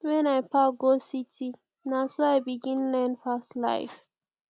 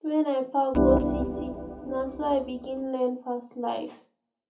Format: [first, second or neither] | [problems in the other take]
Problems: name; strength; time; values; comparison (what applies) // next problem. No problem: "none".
first | background sound (Organ); 1 dB above the speech // room echo; dies away in 0.3 s